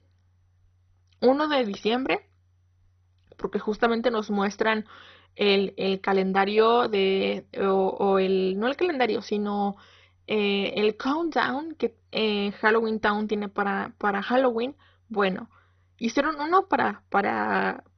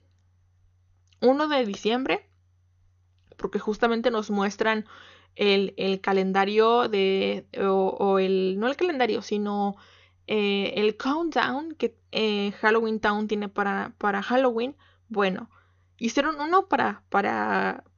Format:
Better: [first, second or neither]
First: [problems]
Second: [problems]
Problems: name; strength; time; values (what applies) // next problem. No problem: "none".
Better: second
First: garbled, watery; badly; nothing above 6 kHz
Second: garbled, watery; slightly; nothing above 6.5 kHz